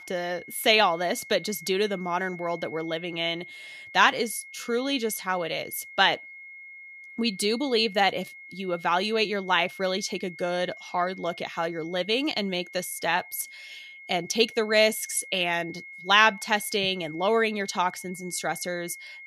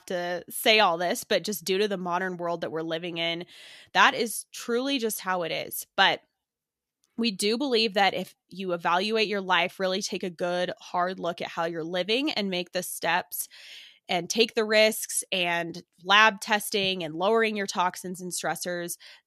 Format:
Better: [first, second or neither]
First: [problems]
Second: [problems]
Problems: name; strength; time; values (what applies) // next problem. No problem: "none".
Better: second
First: high-pitched whine; noticeable; throughout; 2 kHz, 15 dB below the speech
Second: none